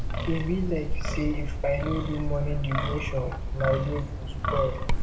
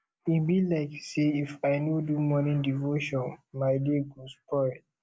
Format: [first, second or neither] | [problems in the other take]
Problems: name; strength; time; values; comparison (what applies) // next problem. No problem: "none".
second | background sound (Wind); 2 dB above the speech // room echo; dies away in 0.6 s